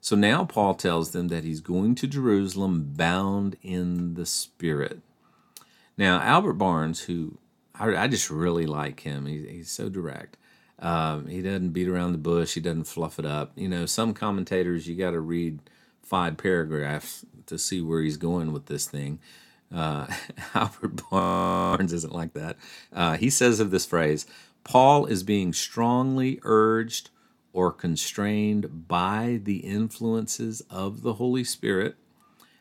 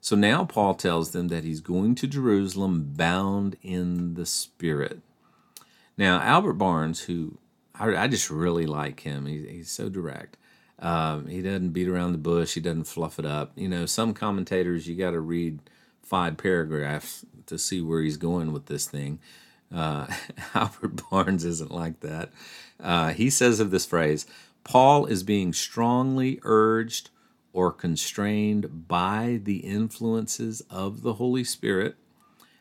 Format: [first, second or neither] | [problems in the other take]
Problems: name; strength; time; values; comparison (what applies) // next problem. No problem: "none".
second | audio freezing; at 21 s for 0.5 s